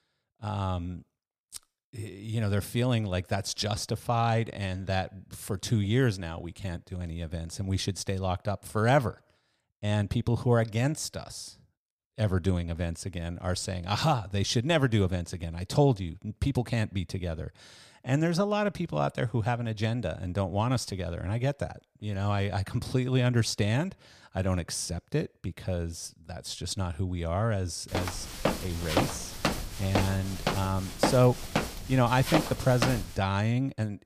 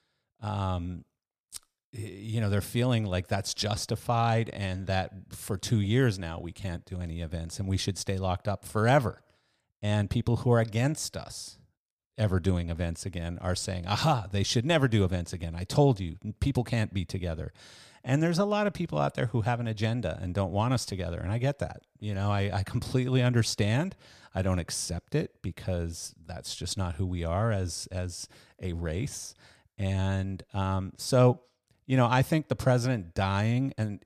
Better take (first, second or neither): second